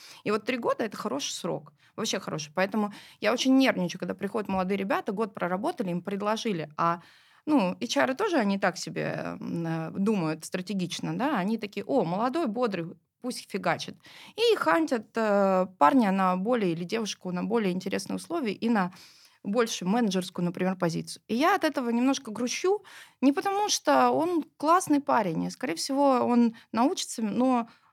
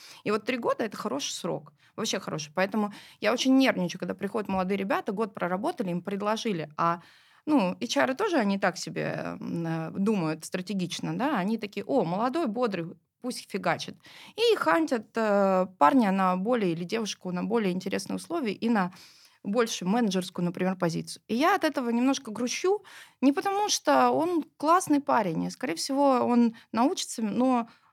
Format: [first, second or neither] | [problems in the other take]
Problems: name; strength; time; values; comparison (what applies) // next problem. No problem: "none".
neither | none